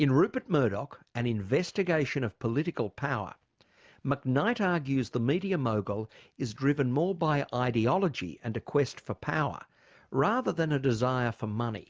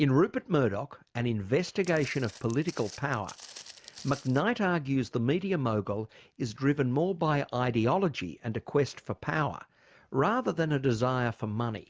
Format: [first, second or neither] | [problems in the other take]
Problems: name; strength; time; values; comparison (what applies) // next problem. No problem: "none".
first | background sound (Walk, footsteps); 19 dB below the speech